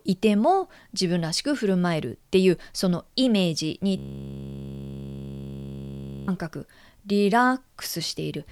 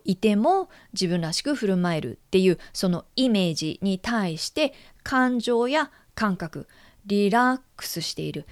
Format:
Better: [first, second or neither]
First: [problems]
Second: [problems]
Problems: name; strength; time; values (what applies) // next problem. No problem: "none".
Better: second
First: audio freezing; at 4 s for 2.5 s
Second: none